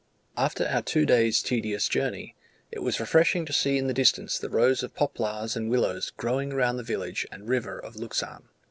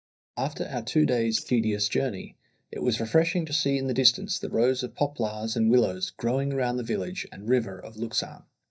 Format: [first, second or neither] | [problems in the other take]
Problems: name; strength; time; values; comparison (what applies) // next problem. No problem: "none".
first | noise reduction (neural mask model DeepFilterNet 3)